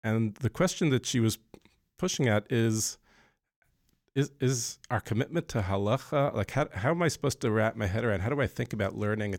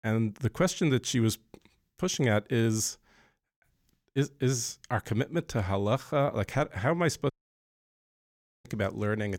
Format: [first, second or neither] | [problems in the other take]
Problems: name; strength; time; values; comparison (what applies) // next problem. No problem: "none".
first | audio cutting out; at 7.5 s for 1.5 s